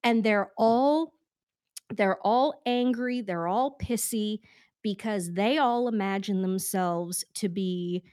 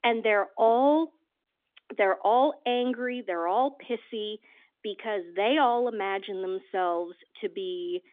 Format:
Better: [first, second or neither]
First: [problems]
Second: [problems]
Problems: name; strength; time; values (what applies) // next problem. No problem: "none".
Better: first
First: none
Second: phone-call audio; nothing above 3.5 kHz